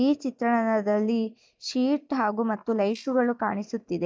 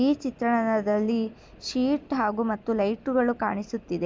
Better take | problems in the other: second | noise reduction (neural mask model DeepFilterNet 3)

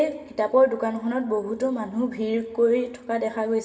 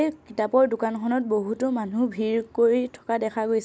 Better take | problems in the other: second | room echo; dies away in 1 s

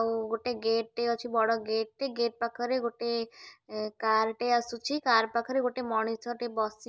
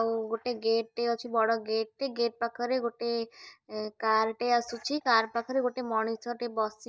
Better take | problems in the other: first | noise reduction (neural mask model DeepFilterNet 3)

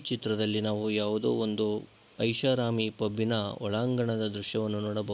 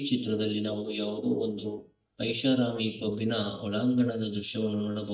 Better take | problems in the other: first | noise reduction (neural mask model DeepFilterNet 3)

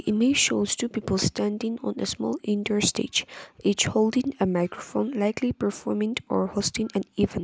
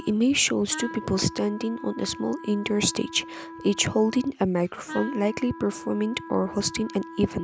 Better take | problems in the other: first | background sound (Wind instrument, woodwind instrument); 14 dB below the speech

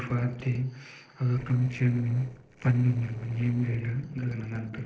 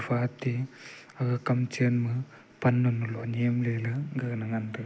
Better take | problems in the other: second | noise reduction (neural separator model SepFormer DNS4)

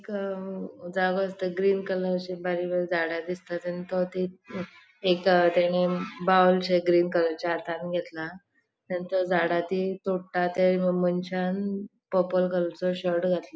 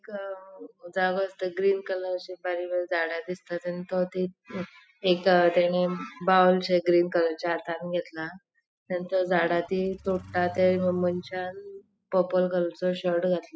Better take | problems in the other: first | noise reduction (classical method spectral subtraction)

